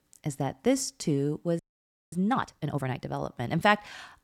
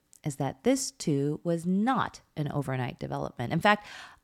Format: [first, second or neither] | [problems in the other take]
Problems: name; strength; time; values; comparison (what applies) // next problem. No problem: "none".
second | audio freezing; at 1.5 s for 0.5 s